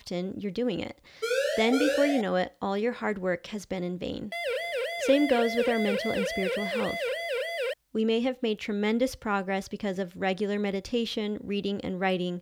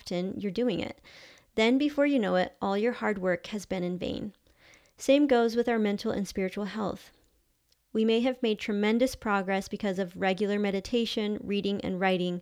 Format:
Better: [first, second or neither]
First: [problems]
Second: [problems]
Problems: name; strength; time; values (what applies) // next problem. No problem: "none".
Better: second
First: siren; loud; from 1 to 2 s; peak 2 dB above the speech // siren; noticeable; from 4.5 to 7.5 s; peak 1 dB below the speech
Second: none